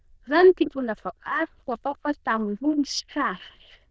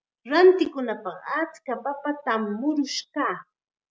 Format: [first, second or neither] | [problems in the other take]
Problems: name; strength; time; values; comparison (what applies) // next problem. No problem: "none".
second | noise reduction (neural diffusion model UNIVERSE++)